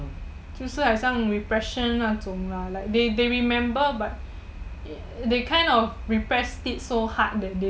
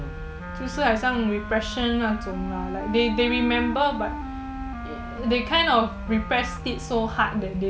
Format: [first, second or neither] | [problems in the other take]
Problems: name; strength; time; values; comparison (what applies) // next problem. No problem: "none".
first | background sound (Wind instrument, woodwind instrument); 10 dB below the speech